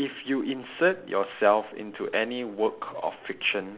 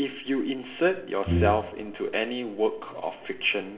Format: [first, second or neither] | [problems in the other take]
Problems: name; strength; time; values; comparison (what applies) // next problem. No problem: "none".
first | background sound (Brass instrument); as loud as the speech // room echo; dies away in 2.5 s